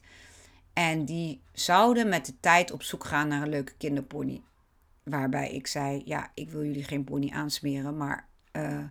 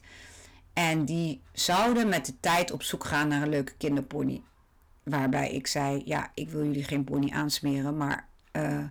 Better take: first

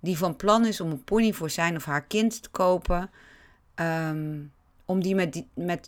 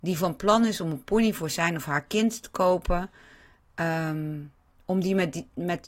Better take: first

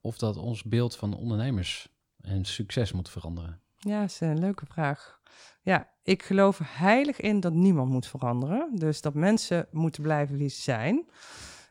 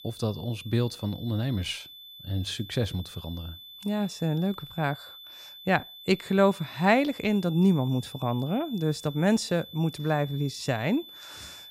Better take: first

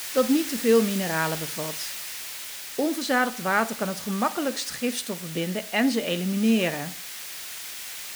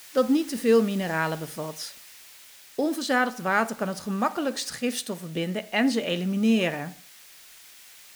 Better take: second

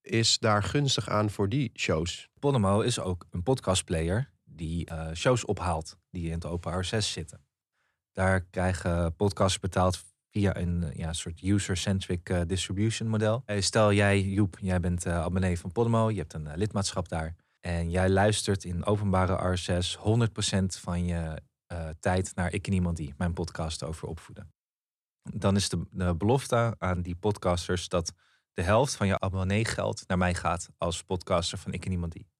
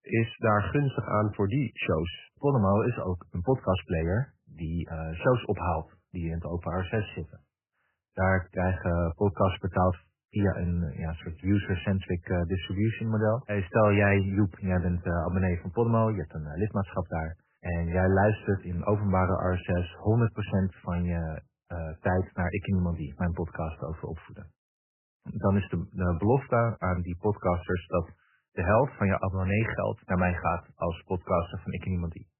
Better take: first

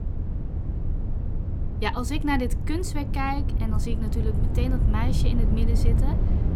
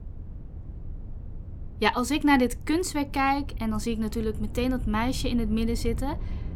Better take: second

